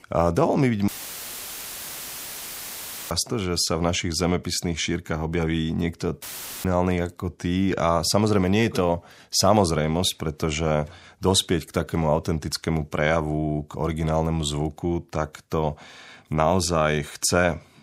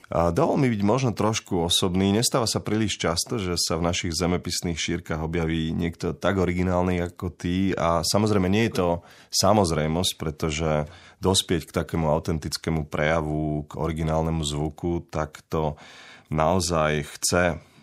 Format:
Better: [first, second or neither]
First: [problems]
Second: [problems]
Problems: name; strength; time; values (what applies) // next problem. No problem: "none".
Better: second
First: audio cutting out; filled with static; at 1 s for 2 s and at 6 s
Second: none